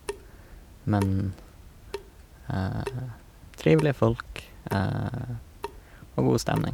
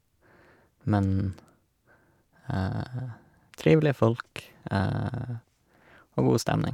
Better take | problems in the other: second | background sound (Drip / Sink (filling or washing) / Water tap, faucet); 13 dB below the speech

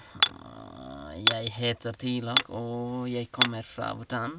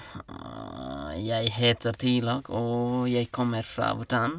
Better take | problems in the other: second | background sound (Hammer); 1 dB above the speech

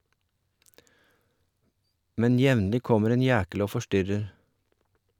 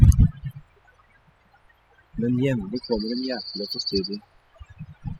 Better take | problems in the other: first | noise reduction (classical method spectral subtraction)

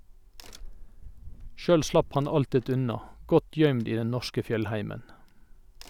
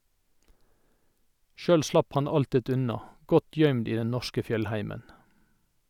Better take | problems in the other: second | background sound (Crack); 17 dB below the speech

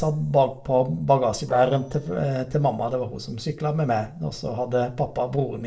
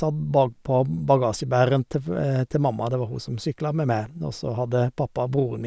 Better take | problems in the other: second | noise reduction (neural separator model SepFormer DNS4)

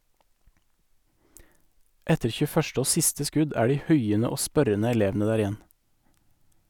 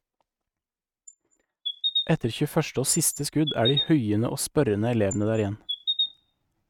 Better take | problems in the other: first | noise reduction (neural mask model RNNoise)

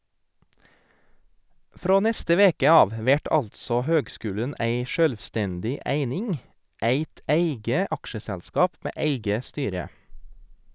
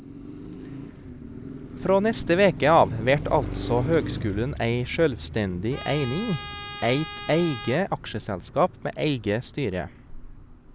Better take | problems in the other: first | background sound (Car passing by + Trumpet); 10 dB below the speech

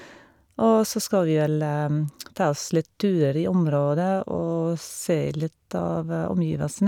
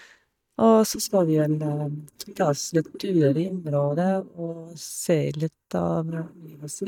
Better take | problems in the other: first | noise reduction (neural mask model DeepFilterNet 3)

